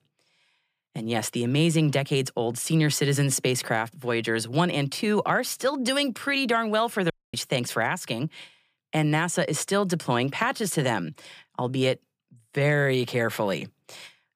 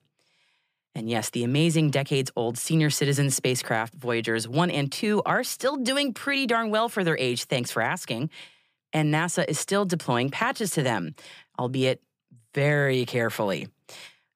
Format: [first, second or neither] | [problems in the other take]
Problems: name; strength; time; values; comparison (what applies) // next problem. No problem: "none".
second | audio cutting out; at 7 s